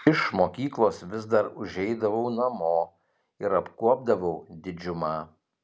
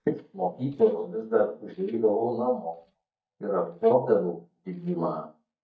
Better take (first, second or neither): first